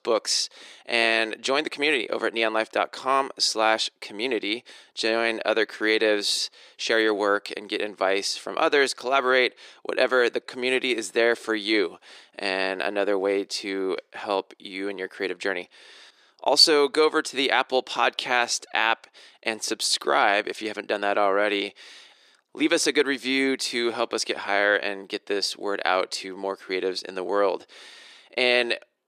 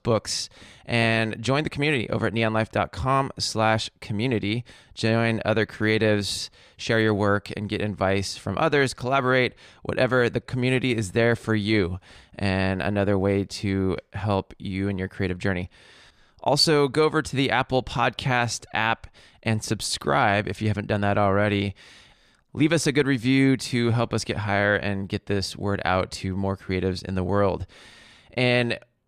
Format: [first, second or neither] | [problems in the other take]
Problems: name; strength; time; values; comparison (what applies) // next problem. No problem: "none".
second | thin; somewhat; fading below 350 Hz